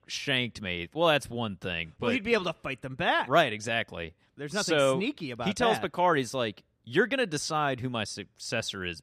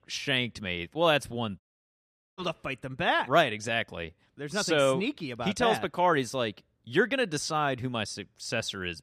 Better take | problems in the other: first | audio cutting out; at 1.5 s for 1 s

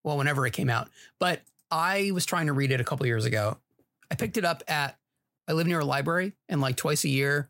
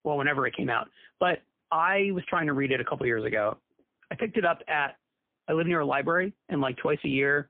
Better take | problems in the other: first | phone-call audio; poor line

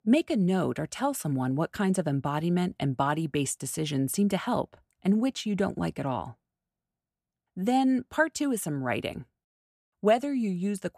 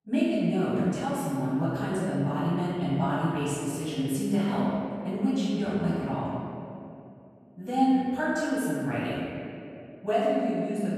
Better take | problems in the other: first | room echo; strong; dies away in 2.4 s // off-mic speech; far

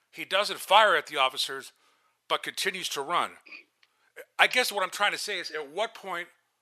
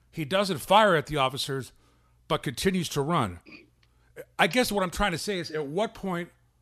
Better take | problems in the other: second | thin; very; fading below 550 Hz

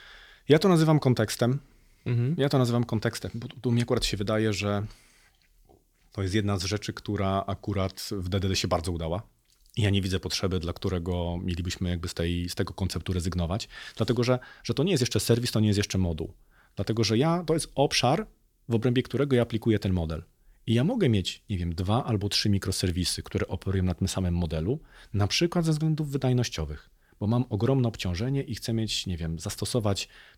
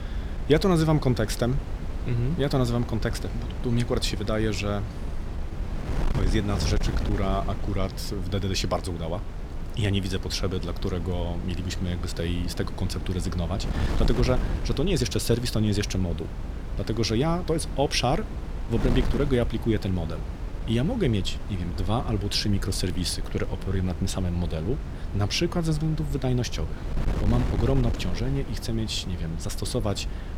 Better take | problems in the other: first | wind noise on the microphone; occasional gusts; 10 dB below the speech

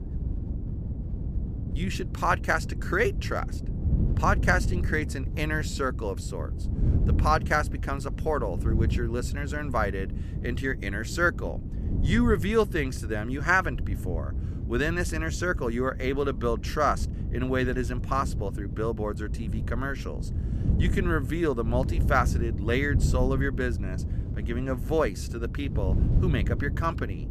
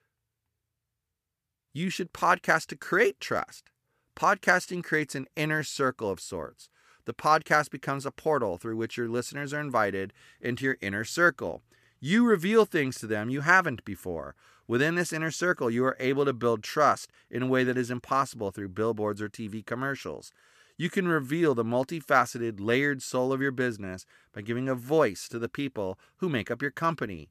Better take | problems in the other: second | wind noise on the microphone; occasional gusts; 15 dB below the speech

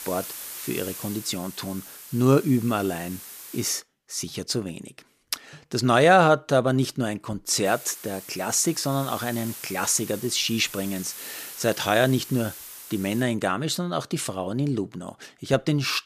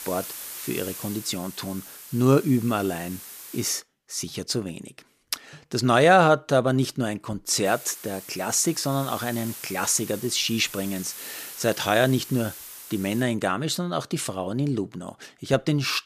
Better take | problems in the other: neither | hiss; noticeable; until 3.5 s and from 7.5 to 13 s; 15 dB below the speech; the same in both

